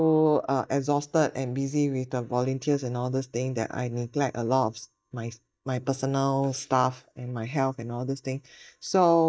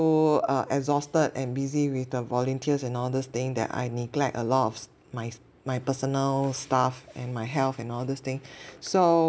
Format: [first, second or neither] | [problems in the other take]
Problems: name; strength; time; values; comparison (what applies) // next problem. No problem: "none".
second | noise reduction (neural mask model DeepFilterNet 3)